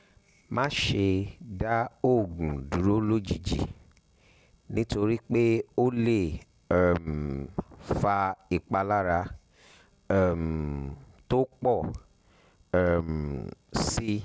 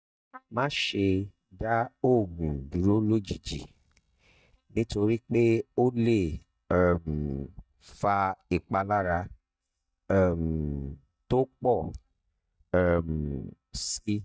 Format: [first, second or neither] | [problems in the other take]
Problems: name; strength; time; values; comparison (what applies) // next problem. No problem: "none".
first | noise reduction (neural mask model DeepFilterNet 3)